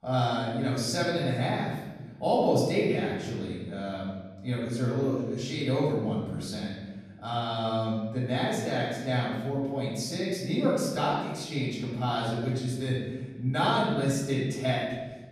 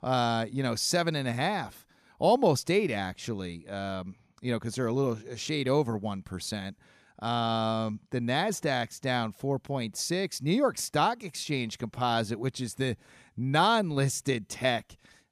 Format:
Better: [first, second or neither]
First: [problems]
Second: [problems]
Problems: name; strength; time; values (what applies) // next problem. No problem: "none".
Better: second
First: off-mic speech; far // room echo; noticeable; dies away in 1.4 s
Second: none